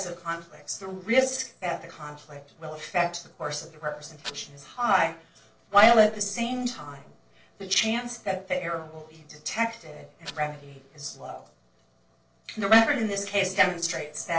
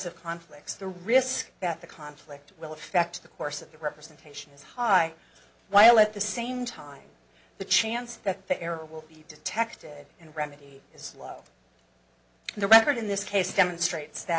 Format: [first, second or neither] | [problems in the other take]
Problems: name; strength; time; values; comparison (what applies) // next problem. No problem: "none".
second | noise reduction (neural separator model SepFormer DNS4)